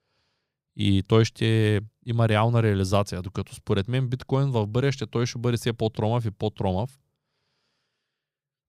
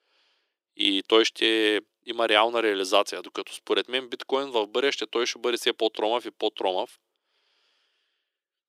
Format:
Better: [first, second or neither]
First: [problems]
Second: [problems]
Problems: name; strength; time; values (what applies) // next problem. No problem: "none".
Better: first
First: none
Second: thin; very; fading below 300 Hz